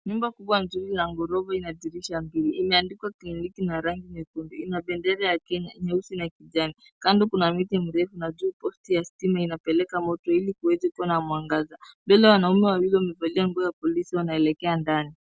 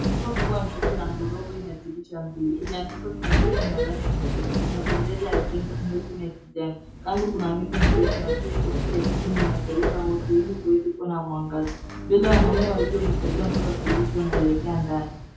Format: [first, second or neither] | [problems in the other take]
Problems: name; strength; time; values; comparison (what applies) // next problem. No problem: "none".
first | background sound (Sliding door); 1 dB above the speech // room echo; dies away in 0.6 s